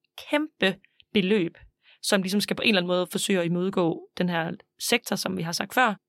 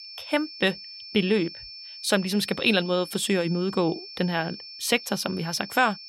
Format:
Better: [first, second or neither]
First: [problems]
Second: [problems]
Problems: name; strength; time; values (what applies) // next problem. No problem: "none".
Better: first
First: none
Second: high-pitched whine; noticeable; throughout; 5.5 kHz, 15 dB below the speech